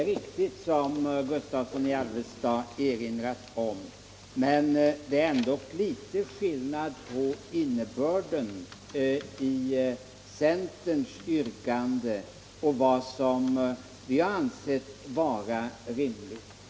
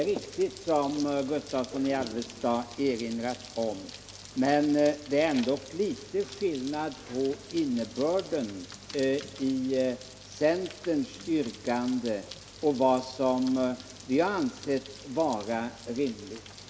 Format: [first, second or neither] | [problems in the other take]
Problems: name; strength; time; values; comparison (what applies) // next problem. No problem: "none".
first | background sound (Rain); 19 dB below the speech